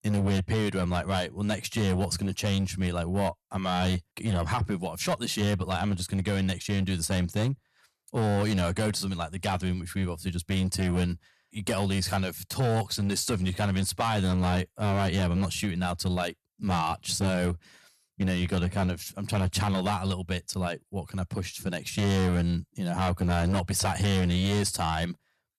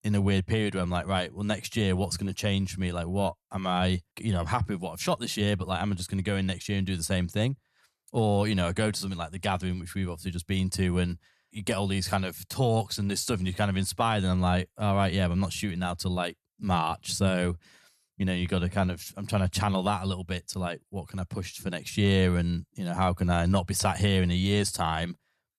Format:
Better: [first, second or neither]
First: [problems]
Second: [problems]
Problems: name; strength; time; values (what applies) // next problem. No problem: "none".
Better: second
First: distortion; slight; 11% of the sound clipped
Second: none